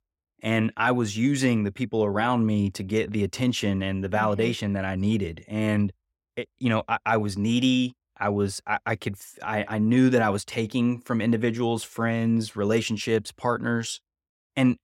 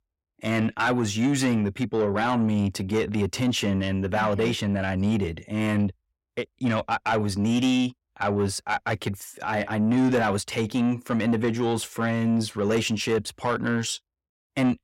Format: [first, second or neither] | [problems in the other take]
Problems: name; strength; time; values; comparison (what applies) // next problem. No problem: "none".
first | distortion; slight; 10 dB below the speech